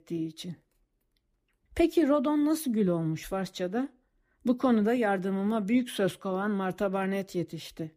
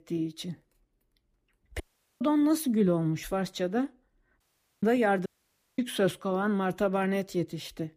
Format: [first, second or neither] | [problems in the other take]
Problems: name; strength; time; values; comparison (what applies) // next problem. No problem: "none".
first | audio cutting out; at 2 s, at 4.5 s and at 5.5 s for 0.5 s